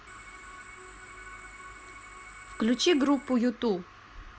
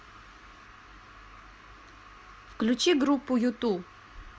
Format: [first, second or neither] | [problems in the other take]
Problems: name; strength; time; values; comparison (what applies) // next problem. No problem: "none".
second | background sound (Organ); 17 dB below the speech